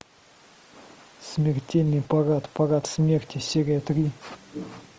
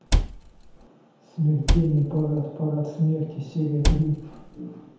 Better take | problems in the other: first | background sound (Cupboard open or close); 1 dB above the speech // room echo; dies away in 0.9 s

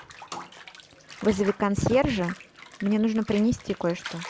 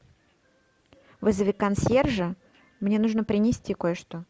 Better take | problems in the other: second | background sound (Bathtub (filling or washing) / Water); 16 dB below the speech

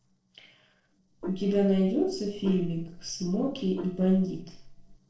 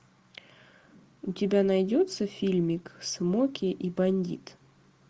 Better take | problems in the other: second | noise reduction (neural separator model SepFormer DNS4)

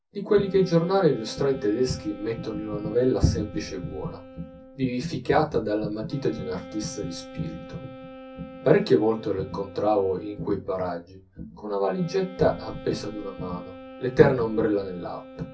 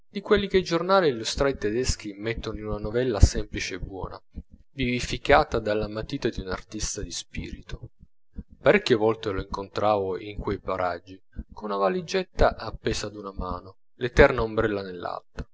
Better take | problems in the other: second | background sound (Wind instrument, woodwind instrument); 17 dB below the speech // room echo; dies away in 0.3 s

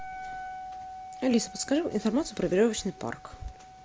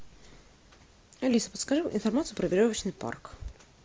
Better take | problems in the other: second | background sound (Wind instrument, woodwind instrument); 14 dB below the speech

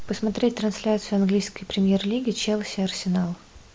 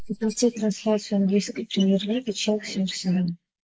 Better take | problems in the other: first | noise reduction (neural mask model Resemble Enhance denoiser)

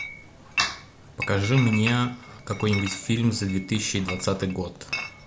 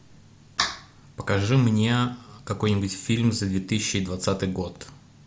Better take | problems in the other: second | background sound (Chatter / Chink, clink); 10 dB below the speech

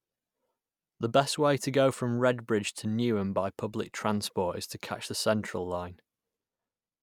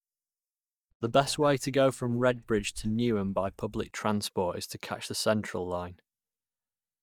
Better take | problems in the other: first | noise reduction (neural mask model DeepFilterNet 3)

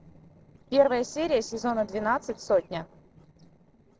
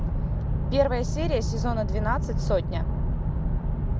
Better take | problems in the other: second | noise reduction (neural separator model SepFormer DNS4)

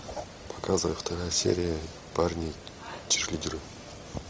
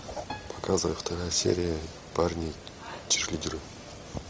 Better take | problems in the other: first | background sound (Piano); 19 dB below the speech

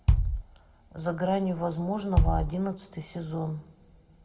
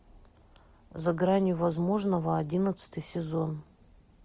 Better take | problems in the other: second | background sound (Bass drum); 2 dB above the speech // room echo; dies away in 1 s

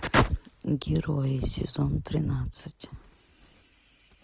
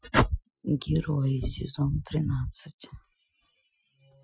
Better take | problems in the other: first | noise reduction (classical method Wiener filter)

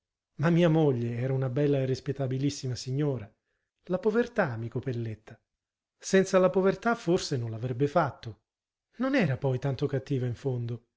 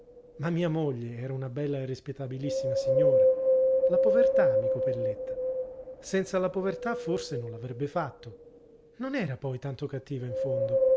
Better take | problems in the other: first | background sound (Wind); 5 dB above the speech

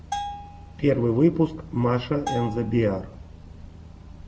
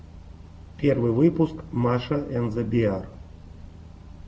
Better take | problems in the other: second | background sound (Bell); 12 dB below the speech

